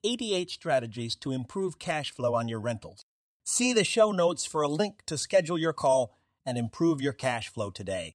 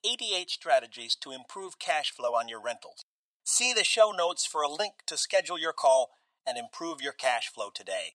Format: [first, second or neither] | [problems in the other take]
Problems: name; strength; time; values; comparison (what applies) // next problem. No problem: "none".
first | thin; very; fading below 800 Hz